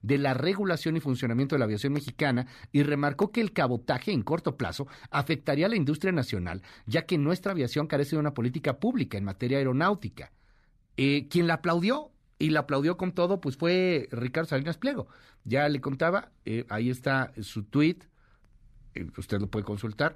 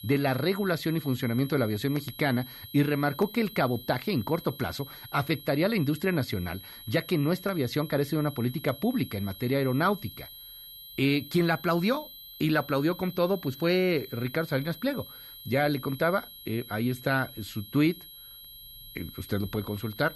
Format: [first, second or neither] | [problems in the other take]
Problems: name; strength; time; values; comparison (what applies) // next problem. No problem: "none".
first | high-pitched whine; noticeable; throughout; 4 kHz, 15 dB below the speech